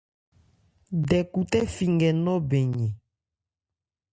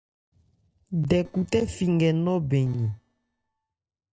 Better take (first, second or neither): first